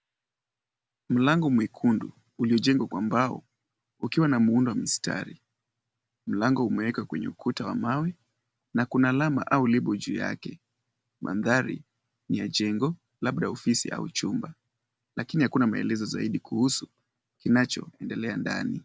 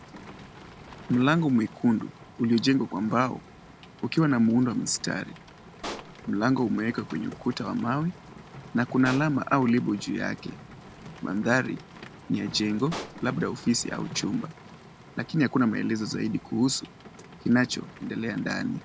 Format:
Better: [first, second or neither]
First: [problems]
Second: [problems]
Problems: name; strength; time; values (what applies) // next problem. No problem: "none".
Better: first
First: none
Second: background sound (Rain + Explosion); 17 dB below the speech